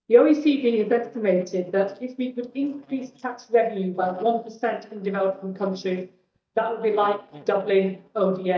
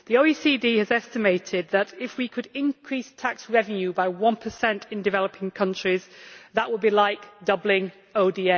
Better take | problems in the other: second | noise reduction (neural mask model DeepFilterNet 3)

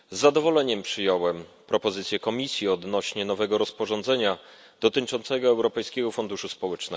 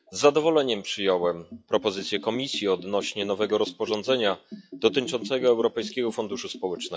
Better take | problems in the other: first | noise reduction (classical method log-MMSE)

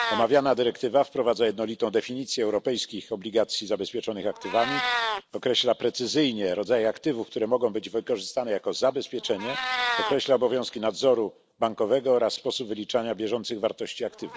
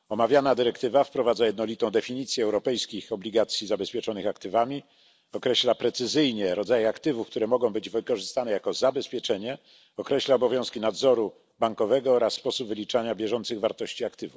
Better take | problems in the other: second | background sound (Meow); 10 dB below the speech

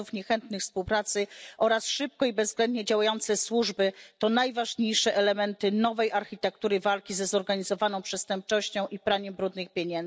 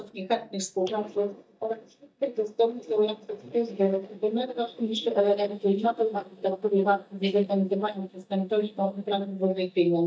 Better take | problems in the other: first | noise reduction (neural mask model DeepFilterNet 3)

